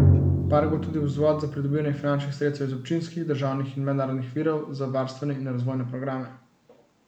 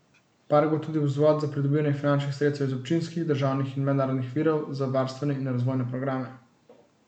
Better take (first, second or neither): second